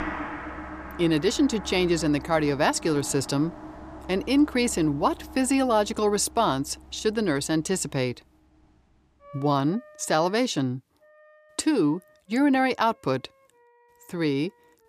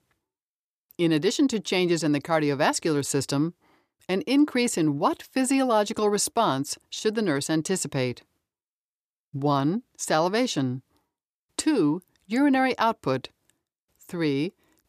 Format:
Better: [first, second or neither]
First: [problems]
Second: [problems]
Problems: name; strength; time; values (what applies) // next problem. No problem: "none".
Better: second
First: background music; noticeable; throughout; 15 dB below the speech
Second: none